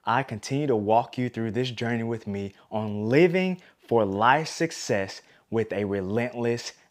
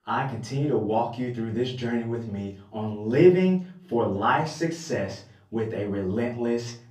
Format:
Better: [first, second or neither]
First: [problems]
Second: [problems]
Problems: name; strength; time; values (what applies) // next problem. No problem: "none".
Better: first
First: none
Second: room echo; slight; dies away in 0.4 s // off-mic speech; far